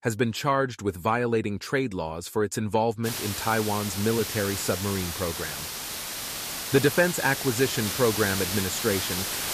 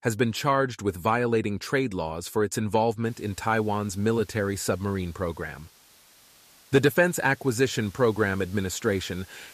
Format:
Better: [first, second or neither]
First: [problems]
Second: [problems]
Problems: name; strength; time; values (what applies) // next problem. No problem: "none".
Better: second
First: hiss; loud; from 3 s on; 3 dB below the speech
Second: hiss; faint; from 3 s on; 25 dB below the speech